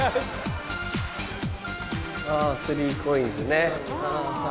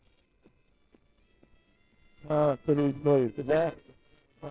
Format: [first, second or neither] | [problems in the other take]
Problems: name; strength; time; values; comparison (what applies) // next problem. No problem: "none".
first | noise reduction (neural separator model SepFormer WHAMR!)